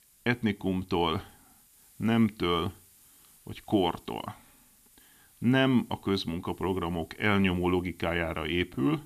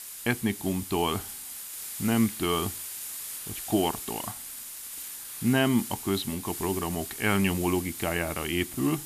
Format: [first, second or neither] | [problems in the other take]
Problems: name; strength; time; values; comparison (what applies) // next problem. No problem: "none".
first | hiss; loud; throughout; 8 dB below the speech; faint in the first